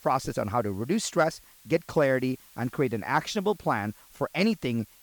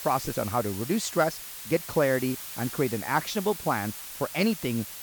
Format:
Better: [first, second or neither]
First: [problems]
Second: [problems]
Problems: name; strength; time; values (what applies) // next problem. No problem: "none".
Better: first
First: hiss; faint; throughout; 25 dB below the speech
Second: hiss; loud; throughout; 8 dB below the speech